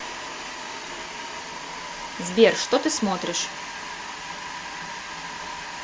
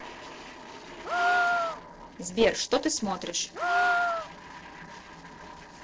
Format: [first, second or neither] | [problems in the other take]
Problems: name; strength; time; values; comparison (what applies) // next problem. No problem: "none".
first | noise reduction (neural separator model SepFormer DNS4)